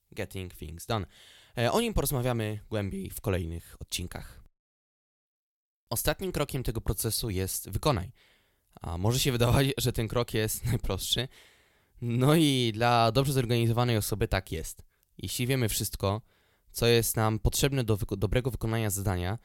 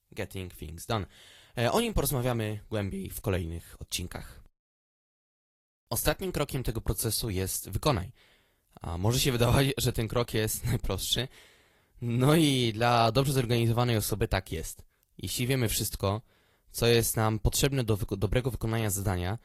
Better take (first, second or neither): first